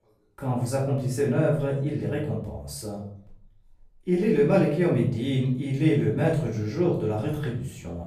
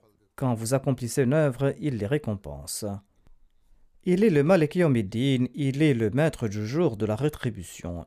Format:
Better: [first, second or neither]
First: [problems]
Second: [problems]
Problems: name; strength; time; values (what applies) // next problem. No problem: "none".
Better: second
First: off-mic speech; far // room echo; noticeable; dies away in 0.5 s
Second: none